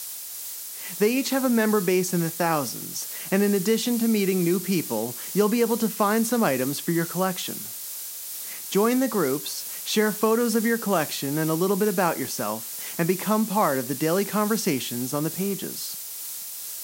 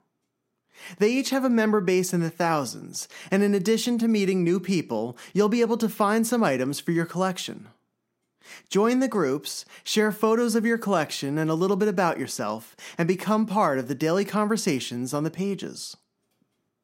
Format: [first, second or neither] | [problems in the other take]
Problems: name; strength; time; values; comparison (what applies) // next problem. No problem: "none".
second | hiss; loud; throughout; 8 dB below the speech